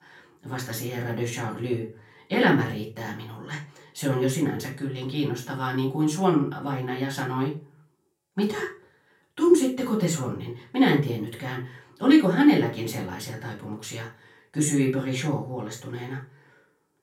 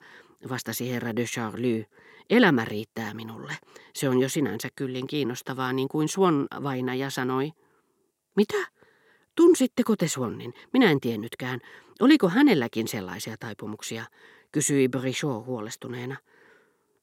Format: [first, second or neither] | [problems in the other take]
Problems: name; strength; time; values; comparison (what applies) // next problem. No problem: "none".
second | off-mic speech; far // room echo; slight; dies away in 0.3 s